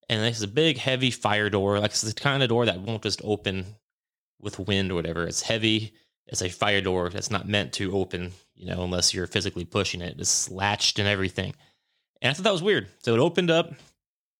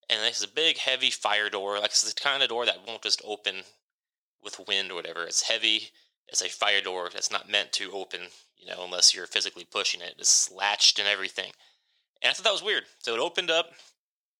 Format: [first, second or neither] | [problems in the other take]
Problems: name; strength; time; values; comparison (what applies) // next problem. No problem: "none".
first | thin; very; fading below 650 Hz